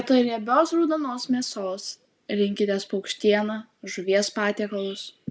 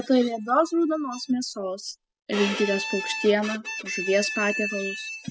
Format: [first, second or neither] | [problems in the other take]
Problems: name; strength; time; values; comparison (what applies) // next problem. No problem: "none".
first | noise reduction (classical method spectral subtraction)